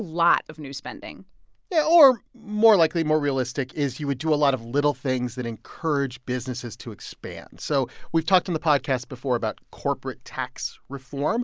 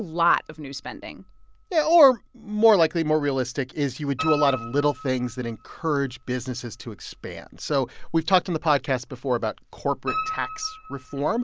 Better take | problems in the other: first | background sound (Piano); 14 dB below the speech

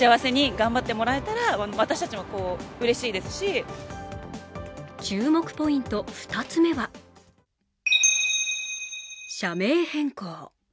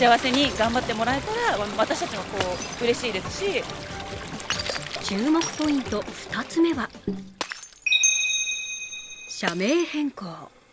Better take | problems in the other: first | background sound (Toilet flush + Shatter); 10 dB below the speech

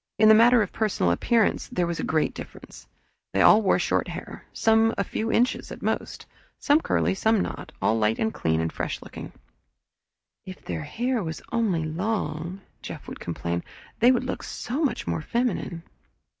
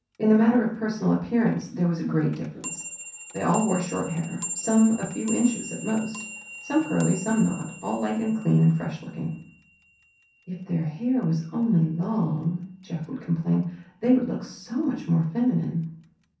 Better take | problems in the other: first | background sound (Clock); 15 dB below the speech // room echo; dies away in 0.6 s

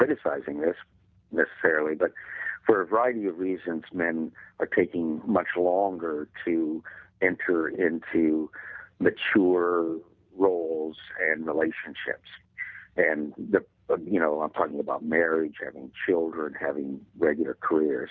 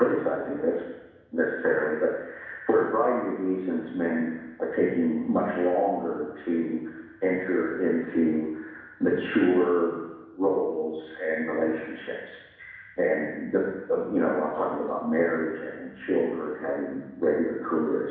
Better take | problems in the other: first | room echo; dies away in 1.1 s

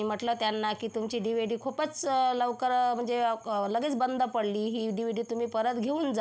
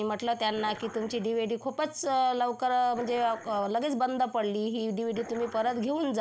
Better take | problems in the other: first | background sound (Dog); 17 dB below the speech

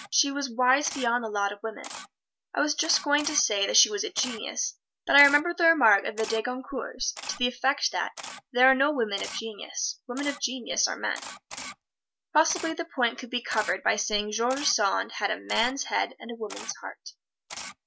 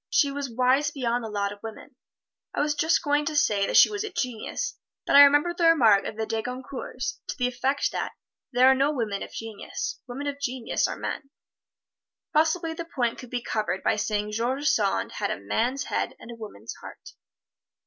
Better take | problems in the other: second | background sound (Camera); 17 dB below the speech

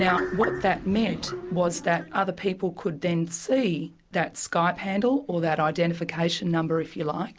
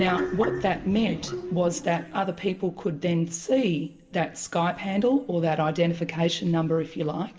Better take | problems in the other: first | room echo; dies away in 1.1 s

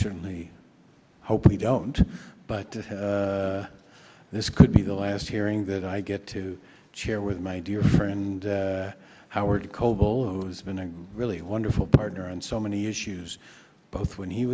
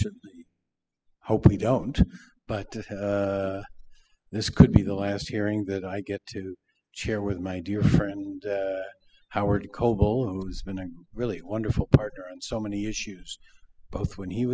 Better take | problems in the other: first | noise reduction (classical method spectral subtraction)

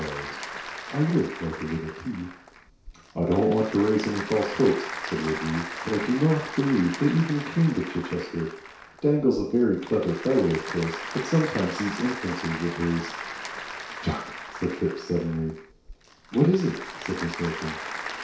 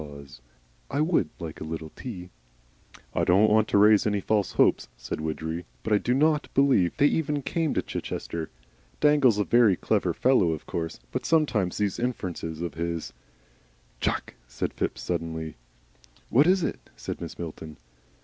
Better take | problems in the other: second | background sound (Applause / Crowd); 10 dB below the speech // room echo; dies away in 0.6 s

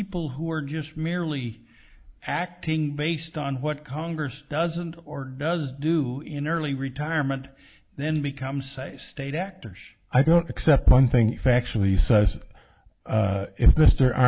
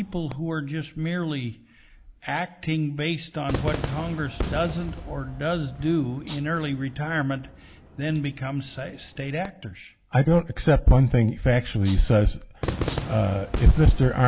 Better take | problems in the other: first | background sound (Cheering / Fireworks + Rattle (instrument)); 12 dB below the speech

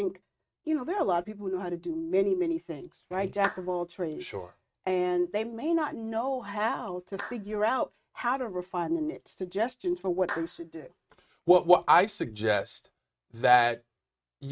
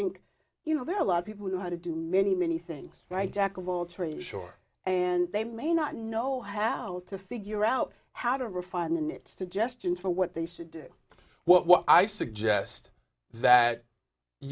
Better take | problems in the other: second | noise reduction (neural mask model RNNoise)

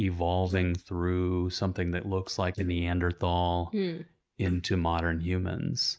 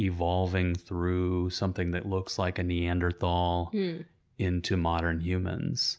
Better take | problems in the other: second | noise reduction (neural mask model Resemble Enhance denoiser)

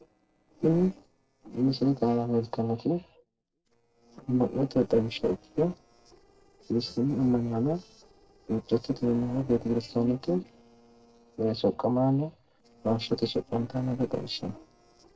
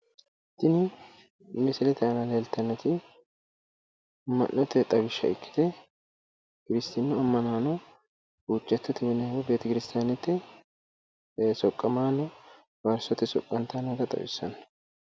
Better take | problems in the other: second | noise reduction (neural separator model SepFormer DNS4)

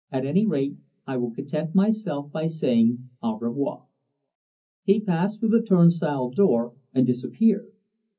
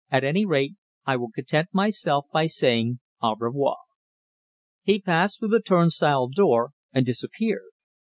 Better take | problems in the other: second | room echo; dies away in 0.4 s

